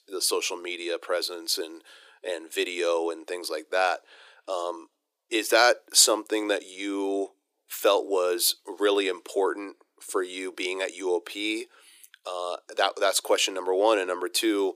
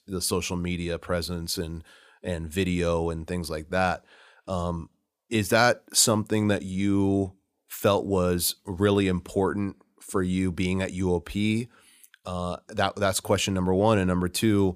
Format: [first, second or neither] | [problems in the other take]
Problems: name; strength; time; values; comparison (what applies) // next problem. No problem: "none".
second | thin; very; fading below 300 Hz